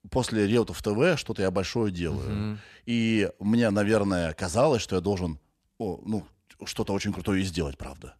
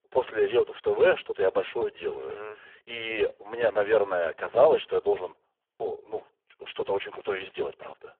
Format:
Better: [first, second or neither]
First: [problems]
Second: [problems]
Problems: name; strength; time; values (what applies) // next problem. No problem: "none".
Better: first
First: none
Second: phone-call audio; poor line